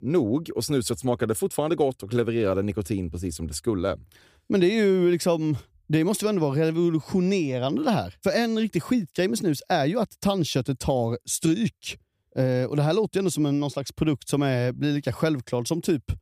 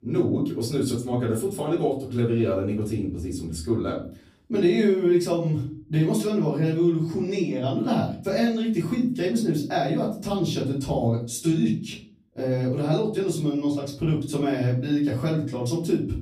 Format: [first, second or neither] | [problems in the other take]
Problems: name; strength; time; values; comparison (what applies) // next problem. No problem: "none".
first | off-mic speech; far // room echo; slight; dies away in 0.4 s